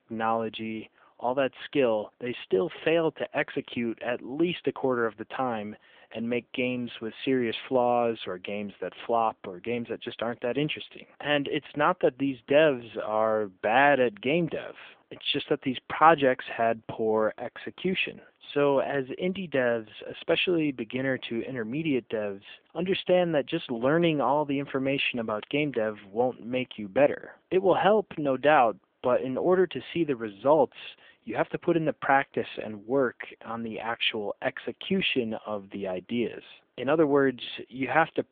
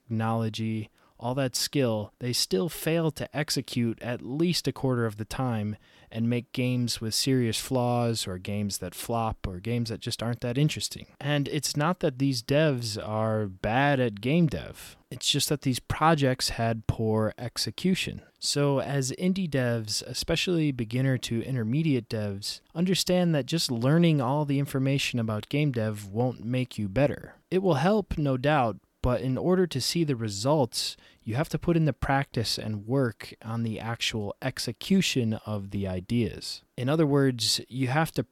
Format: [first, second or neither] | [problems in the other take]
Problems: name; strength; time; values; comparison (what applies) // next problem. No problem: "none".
second | phone-call audio